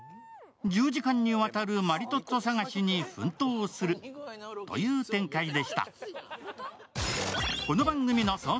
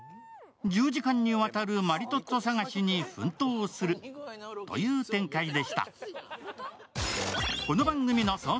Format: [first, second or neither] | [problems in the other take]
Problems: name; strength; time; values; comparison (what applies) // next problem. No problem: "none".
second | background sound (Guitar); 19 dB below the speech